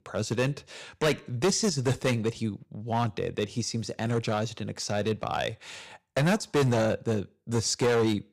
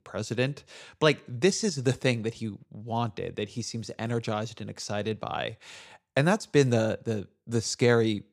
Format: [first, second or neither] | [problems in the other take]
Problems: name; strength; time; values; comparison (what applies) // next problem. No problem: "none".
second | distortion; heavy; 7% of the sound clipped